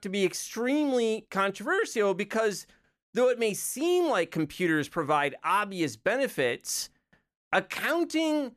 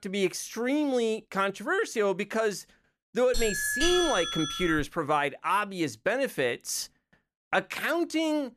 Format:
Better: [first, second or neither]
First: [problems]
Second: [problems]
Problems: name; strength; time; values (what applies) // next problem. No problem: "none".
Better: first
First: none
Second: doorbell; loud; from 3.5 to 5 s; peak 2 dB above the speech